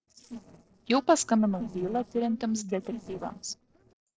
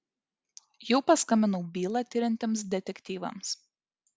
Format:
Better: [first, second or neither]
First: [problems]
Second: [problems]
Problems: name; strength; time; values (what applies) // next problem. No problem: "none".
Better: second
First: noise reduction (neural separator model SepFormer DNS4)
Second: none